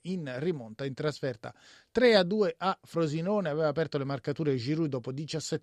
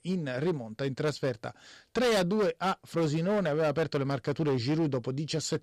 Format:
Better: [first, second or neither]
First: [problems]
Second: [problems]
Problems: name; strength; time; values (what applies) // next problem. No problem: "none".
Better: first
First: none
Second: distortion; heavy; 12% of the sound clipped